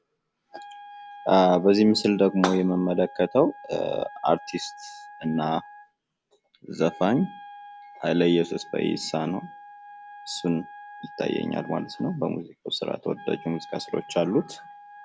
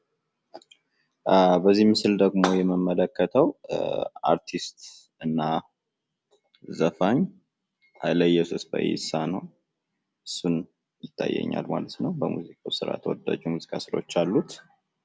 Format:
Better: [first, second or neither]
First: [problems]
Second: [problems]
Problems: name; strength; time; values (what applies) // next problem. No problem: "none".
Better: second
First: background sound (Wind instrument, woodwind instrument); 19 dB below the speech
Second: none